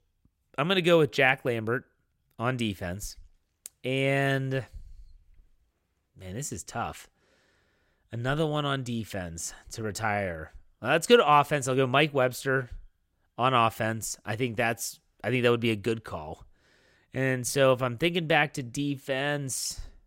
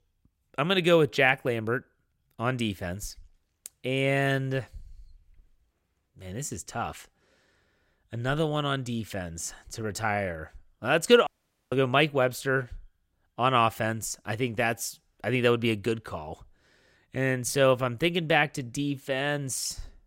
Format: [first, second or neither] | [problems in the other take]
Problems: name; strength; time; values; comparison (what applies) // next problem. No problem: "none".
first | audio cutting out; at 11 s